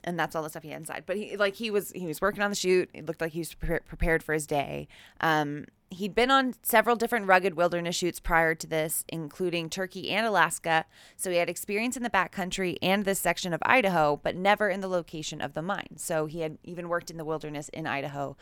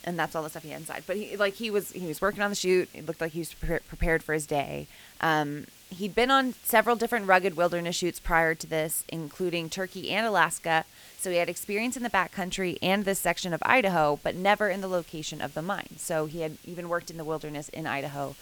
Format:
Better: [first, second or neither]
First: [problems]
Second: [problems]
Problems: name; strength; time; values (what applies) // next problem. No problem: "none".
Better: first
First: none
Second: hiss; faint; throughout; 20 dB below the speech